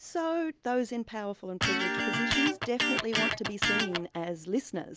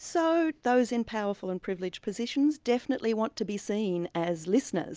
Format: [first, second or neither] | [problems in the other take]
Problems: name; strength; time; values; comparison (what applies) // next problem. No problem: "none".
second | background sound (Electric guitar); 3 dB above the speech